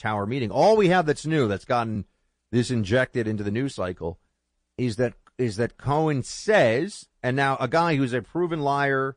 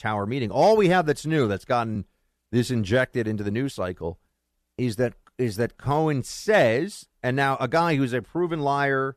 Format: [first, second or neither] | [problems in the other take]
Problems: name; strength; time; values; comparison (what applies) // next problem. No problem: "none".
second | garbled, watery; slightly; nothing above 9 kHz